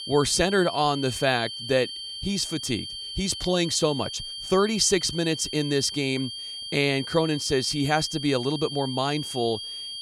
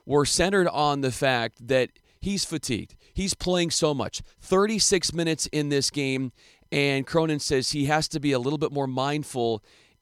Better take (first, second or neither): second